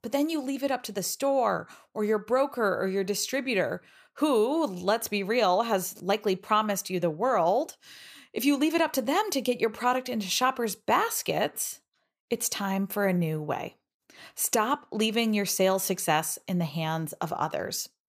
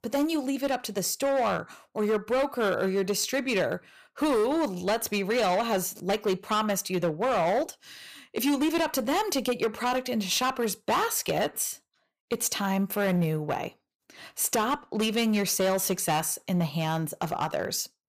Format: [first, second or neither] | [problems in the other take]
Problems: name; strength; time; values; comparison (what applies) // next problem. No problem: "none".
first | distortion; slight; 10% of the sound clipped